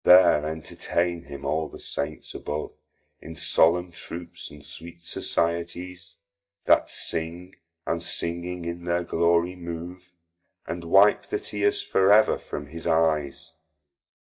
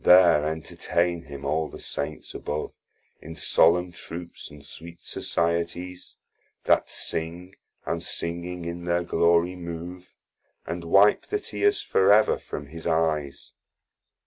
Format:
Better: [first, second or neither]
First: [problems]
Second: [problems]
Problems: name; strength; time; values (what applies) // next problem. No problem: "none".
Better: second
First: noise reduction (neural mask model DeepFilterNet 3)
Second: none